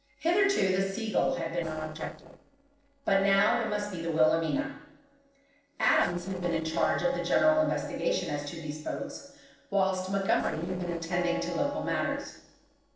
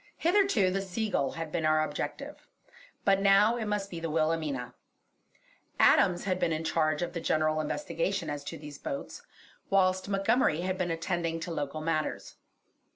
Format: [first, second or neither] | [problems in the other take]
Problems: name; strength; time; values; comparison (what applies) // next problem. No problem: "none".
second | noise reduction (neural separator model SepFormer DNS4)